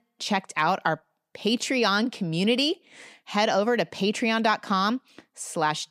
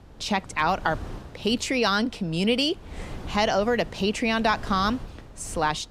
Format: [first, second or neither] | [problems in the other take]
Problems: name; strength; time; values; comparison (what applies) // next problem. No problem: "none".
first | wind noise on the microphone; occasional gusts; 20 dB below the speech